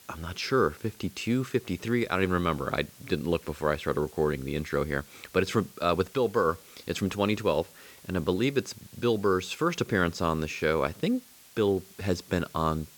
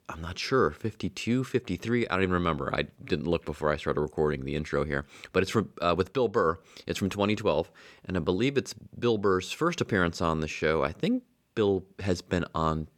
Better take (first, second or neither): second